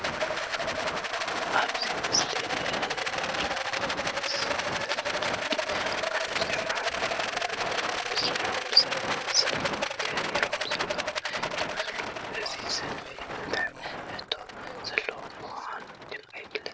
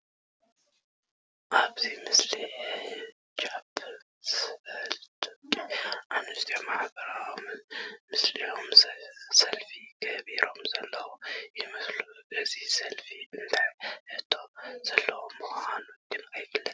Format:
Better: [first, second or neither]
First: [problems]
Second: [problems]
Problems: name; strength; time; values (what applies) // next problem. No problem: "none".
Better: second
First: background sound (Rattle); 3 dB above the speech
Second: none